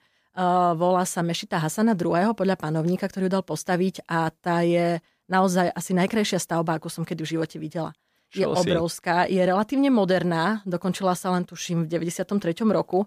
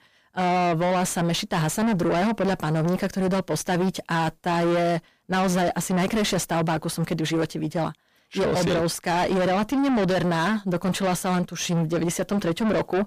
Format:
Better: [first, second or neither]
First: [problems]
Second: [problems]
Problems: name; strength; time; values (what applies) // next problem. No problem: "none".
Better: first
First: none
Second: distortion; heavy; 6 dB below the speech